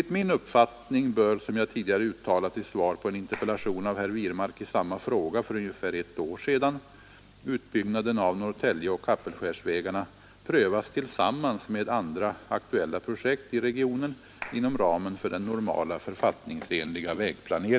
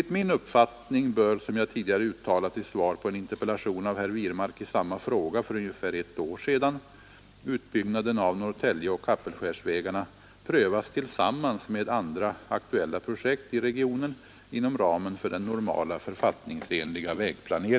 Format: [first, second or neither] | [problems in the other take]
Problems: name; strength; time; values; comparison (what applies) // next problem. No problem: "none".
second | background sound (Clapping); 13 dB below the speech